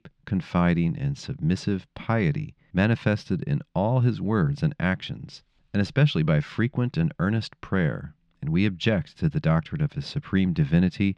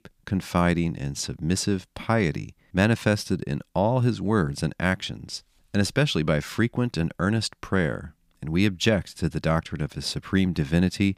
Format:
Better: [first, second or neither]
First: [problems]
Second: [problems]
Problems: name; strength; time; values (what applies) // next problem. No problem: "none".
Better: second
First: muffled; very slightly; fading above 3 kHz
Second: none